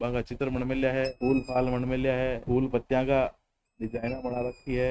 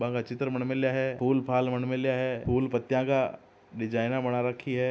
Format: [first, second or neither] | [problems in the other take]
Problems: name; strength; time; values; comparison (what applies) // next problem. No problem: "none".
second | noise reduction (neural mask model RNNoise)